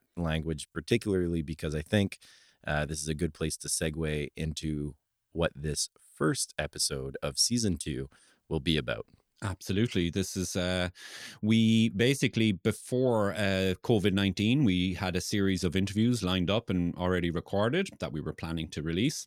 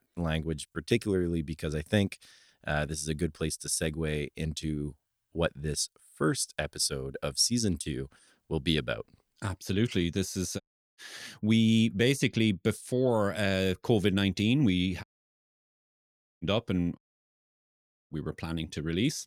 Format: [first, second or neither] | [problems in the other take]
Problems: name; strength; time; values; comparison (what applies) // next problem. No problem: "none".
first | audio cutting out; at 11 s, at 15 s for 1.5 s and at 17 s for 1 s